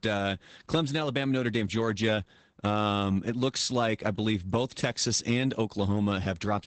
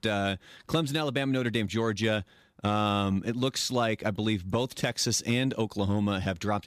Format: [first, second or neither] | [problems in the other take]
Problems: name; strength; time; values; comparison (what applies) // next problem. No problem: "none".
second | garbled, watery; badly; nothing above 8 kHz